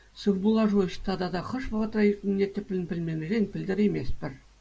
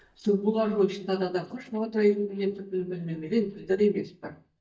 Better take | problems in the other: first | noise reduction (neural mask model DeepFilterNet 3)

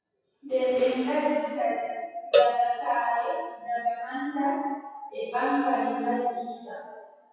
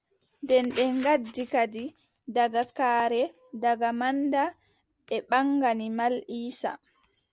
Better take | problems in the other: second | noise reduction (classical method WPE with log-MMSE)

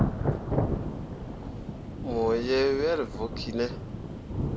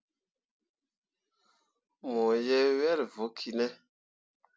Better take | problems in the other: second | background sound (Thunder / Rain); 1 dB below the speech

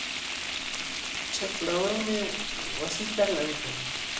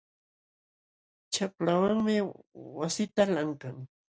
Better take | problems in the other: second | background sound (Frying (food)); 1 dB below the speech // room echo; dies away in 0.8 s

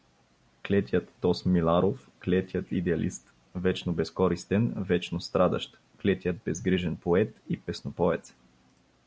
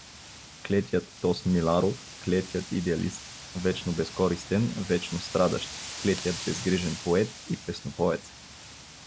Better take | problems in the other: first | background sound (Wind); 13 dB below the speech

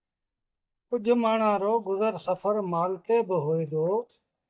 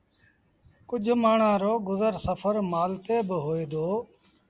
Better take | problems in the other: second | noise reduction (neural mask model DeepFilterNet 3)

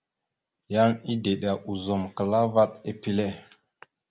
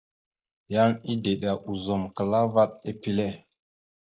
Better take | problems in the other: first | noise reduction (neural mask model Resemble Enhance denoiser)

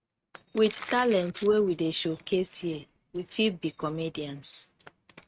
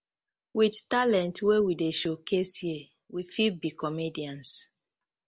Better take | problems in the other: second | noise reduction (neural mask model RNNoise)

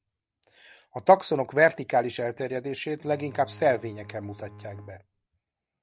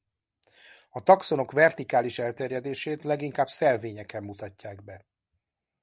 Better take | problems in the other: second | background sound (Bowed string instrument); 19 dB below the speech

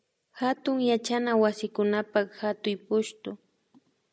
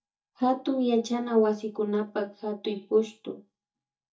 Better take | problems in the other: first | noise reduction (neural mask model DeepFilterNet 3)

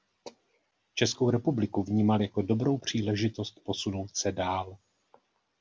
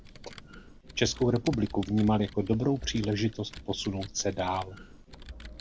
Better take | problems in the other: first | background sound (Computer keyboard); 15 dB below the speech

